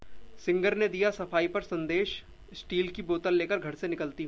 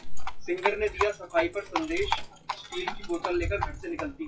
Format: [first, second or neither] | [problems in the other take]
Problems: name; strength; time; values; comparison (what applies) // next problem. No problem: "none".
first | noise reduction (classical method WPE with log-MMSE)